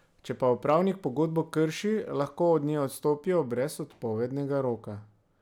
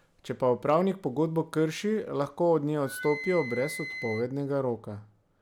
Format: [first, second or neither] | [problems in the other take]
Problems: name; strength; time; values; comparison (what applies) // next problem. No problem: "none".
first | background sound (Wind instrument, woodwind instrument); 13 dB below the speech